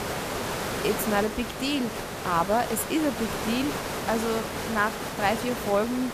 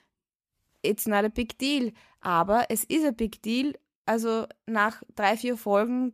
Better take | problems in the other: second | hiss; loud; throughout; 4 dB below the speech

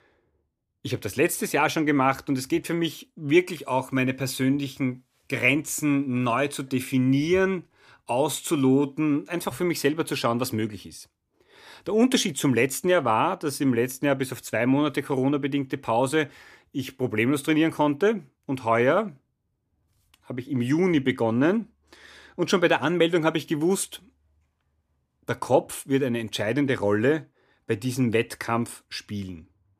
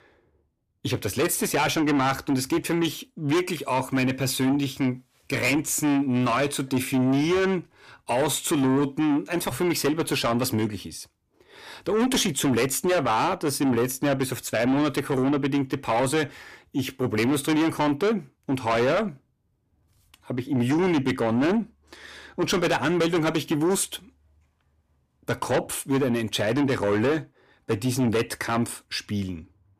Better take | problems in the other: first | distortion; heavy; 7 dB below the speech

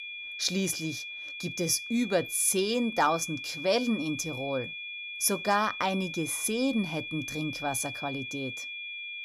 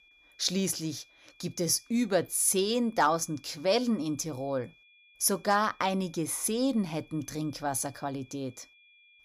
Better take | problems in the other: second | high-pitched whine; loud; throughout; 2.5 kHz, 7 dB below the speech; faint in the second

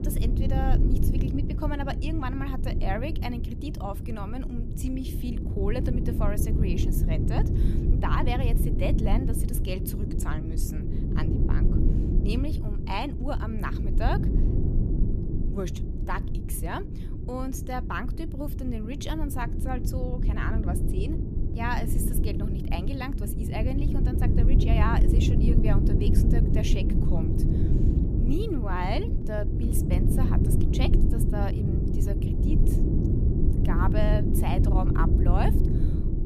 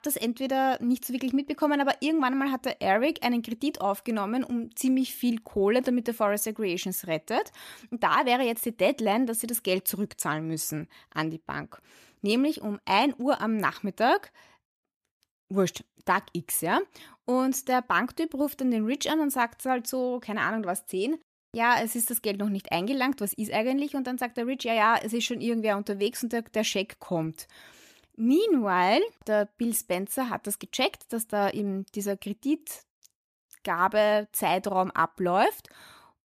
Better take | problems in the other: second | low rumble; loud; throughout; 3 dB below the speech

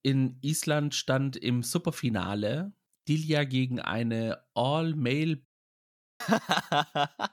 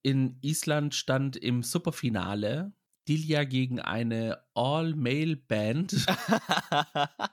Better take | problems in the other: second | audio cutting out; at 5.5 s for 1 s

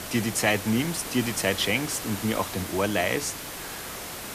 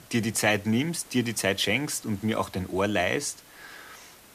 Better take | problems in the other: second | hiss; loud; throughout; 8 dB below the speech; faint in the second

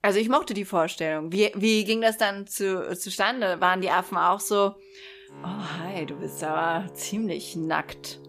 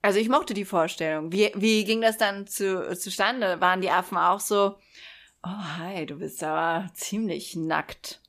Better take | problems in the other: second | background music; faint; from 3.5 s on; 20 dB below the speech

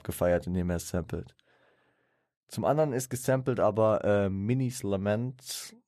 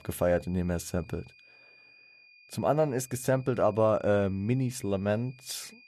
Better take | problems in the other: first | high-pitched whine; faint; throughout; 2.5 kHz, 25 dB below the speech

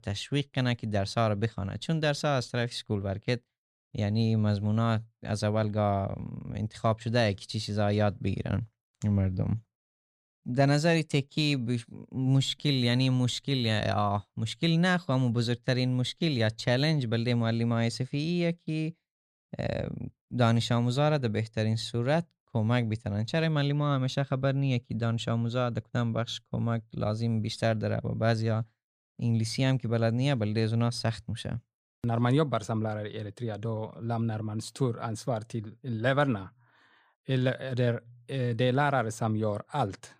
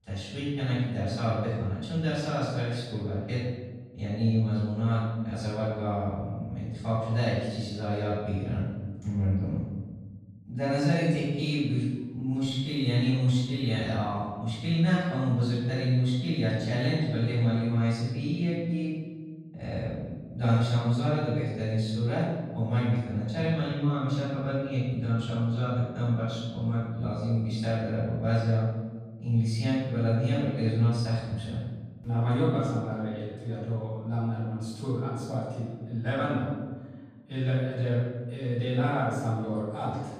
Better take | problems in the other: first | off-mic speech; far // room echo; strong; dies away in 1.3 s

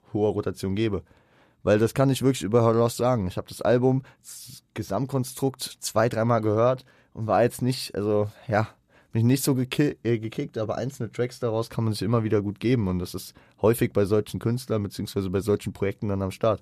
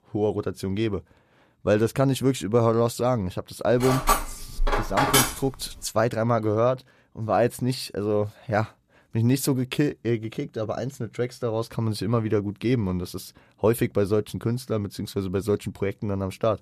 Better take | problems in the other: first | clattering dishes; loud; from 4 to 5.5 s; peak 6 dB above the speech

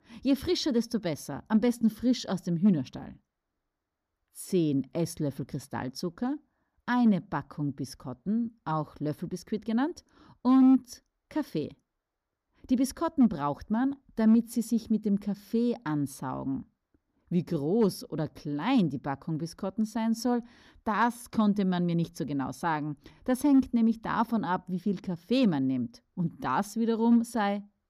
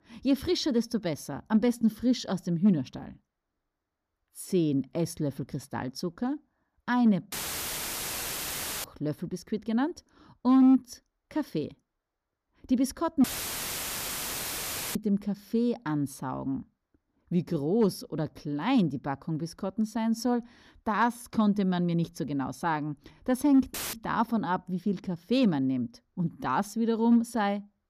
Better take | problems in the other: first | audio cutting out; filled with static; at 7.5 s for 1.5 s, at 13 s for 1.5 s and at 24 s

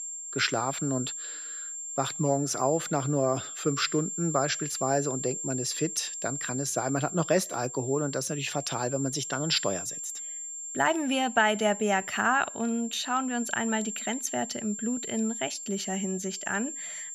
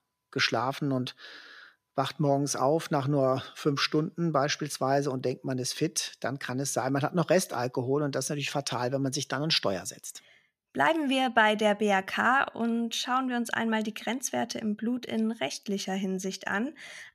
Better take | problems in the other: second | high-pitched whine; loud; throughout; 7.5 kHz, 6 dB below the speech

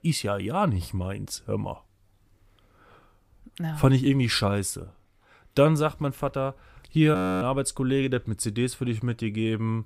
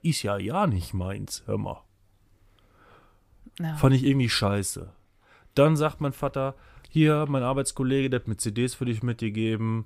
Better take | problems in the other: second | audio freezing; at 7 s

